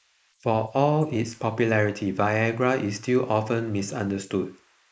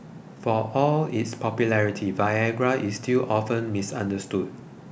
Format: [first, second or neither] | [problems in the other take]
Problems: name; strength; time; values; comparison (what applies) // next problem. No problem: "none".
second | noise reduction (neural mask model Resemble Enhance denoiser)